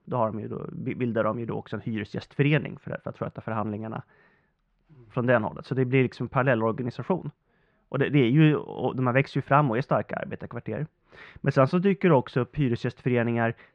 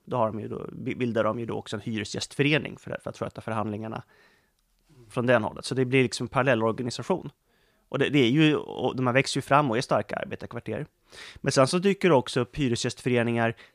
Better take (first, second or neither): second